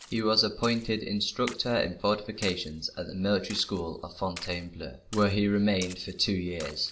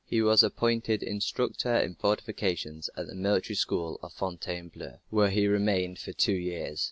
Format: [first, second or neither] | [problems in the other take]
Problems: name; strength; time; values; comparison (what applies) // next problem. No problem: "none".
second | background sound (Splash, splatter); 19 dB below the speech // room echo; dies away in 0.4 s